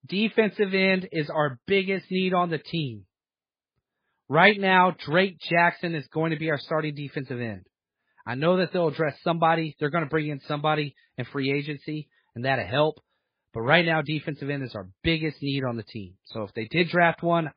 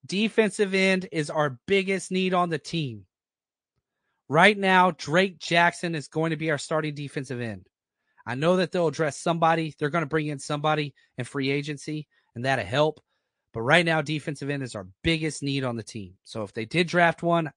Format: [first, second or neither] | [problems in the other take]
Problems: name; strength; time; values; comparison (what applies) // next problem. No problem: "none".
second | garbled, watery; badly; nothing above 4 kHz; slightly in the second